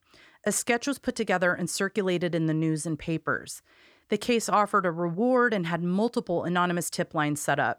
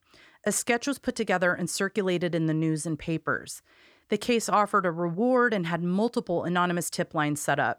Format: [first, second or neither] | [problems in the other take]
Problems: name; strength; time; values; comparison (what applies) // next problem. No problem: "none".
neither | none